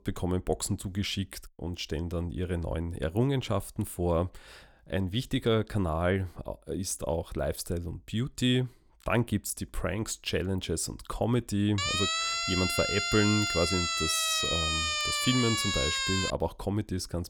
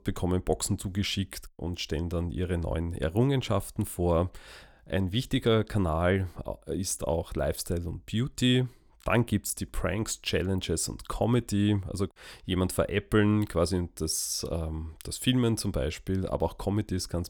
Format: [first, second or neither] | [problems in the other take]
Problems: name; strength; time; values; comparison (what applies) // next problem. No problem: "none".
second | siren; loud; from 12 to 16 s; peak 4 dB above the speech